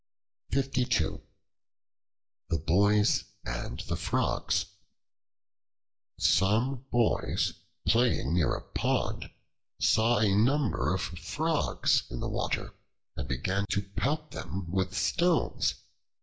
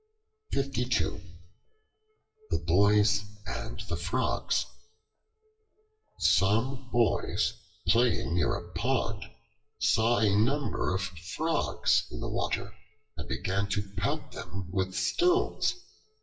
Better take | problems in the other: first | noise reduction (classical method WPE with log-MMSE)

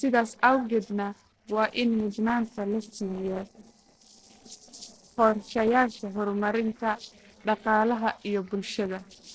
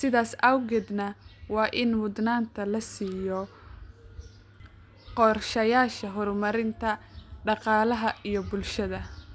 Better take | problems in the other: second | noise reduction (neural separator model SepFormer DNS4)

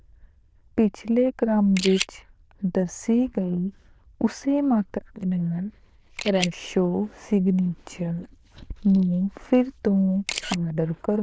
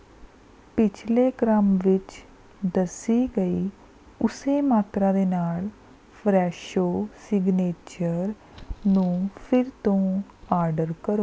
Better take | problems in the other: second | noise reduction (neural diffusion model UNIVERSE++)

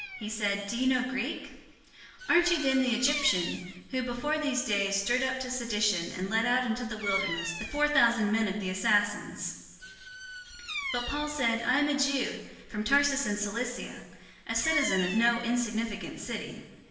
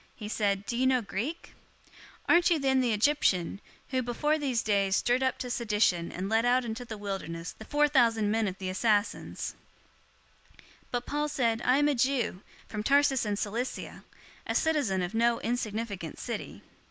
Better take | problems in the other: second | background sound (Bird vocalization, bird call, bird song); 12 dB below the speech // room echo; dies away in 1 s

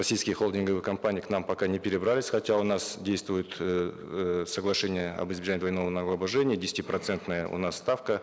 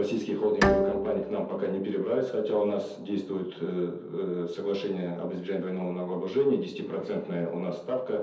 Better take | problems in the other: first | background sound (Bowed string instrument); 3 dB below the speech // room echo; dies away in 0.5 s

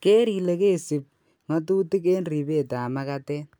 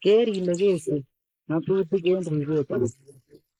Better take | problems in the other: first | noise reduction (neural mask model Resemble Enhance denoiser)

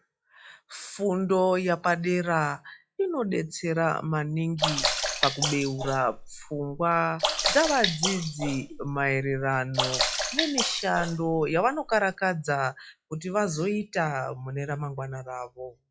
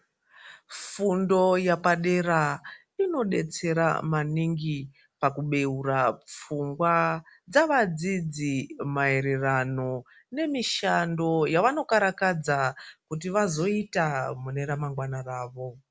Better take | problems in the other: second | noise reduction (classical method log-MMSE)

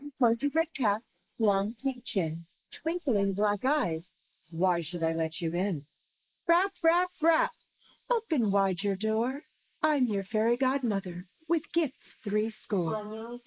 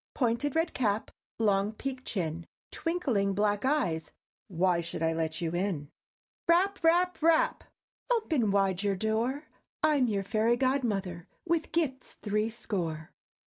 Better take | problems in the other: second | noise reduction (neural mask model Resemble Enhance denoiser)

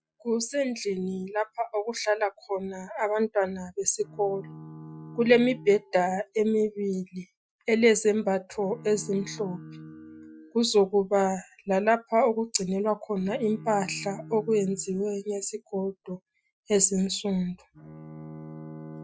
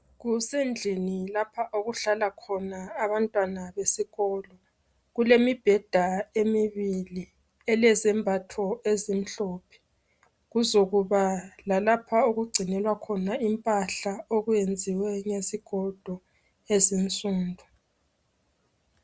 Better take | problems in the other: second | noise reduction (classical method Wiener filter)

